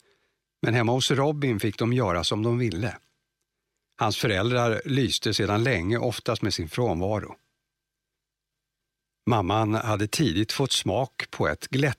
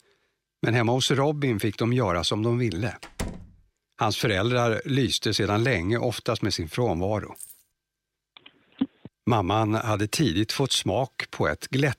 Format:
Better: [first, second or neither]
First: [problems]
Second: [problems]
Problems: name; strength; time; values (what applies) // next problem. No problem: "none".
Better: first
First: none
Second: door banging; faint; at 3 s; peak 10 dB below the speech // jangling keys; faint; at 7.5 s; peak 20 dB below the speech // phone ringing; noticeable; at 9 s; peak 7 dB below the speech